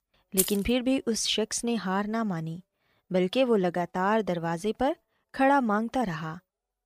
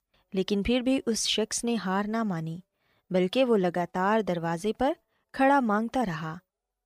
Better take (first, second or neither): second